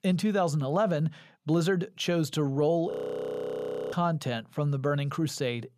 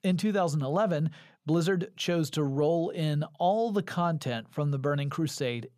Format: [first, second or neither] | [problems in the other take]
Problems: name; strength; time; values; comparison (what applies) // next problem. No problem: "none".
second | audio freezing; at 3 s for 1 s